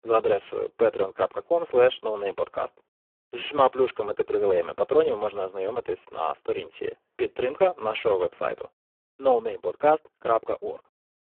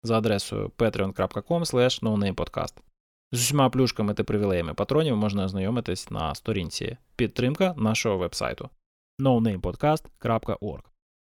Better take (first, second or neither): second